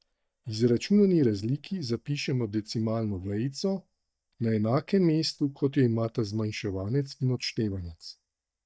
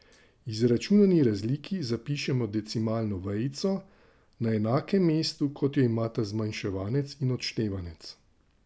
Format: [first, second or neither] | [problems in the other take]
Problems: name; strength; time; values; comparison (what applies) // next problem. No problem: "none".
second | noise reduction (neural mask model DeepFilterNet 3)